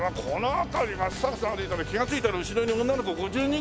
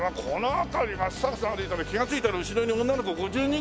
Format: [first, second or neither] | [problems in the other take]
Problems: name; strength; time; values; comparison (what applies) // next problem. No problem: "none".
second | background sound (Bass drum / Snare drum / Drum kit); 16 dB below the speech